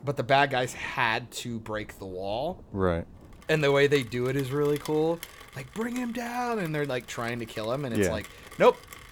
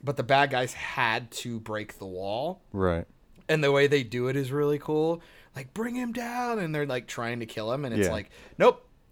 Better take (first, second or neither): second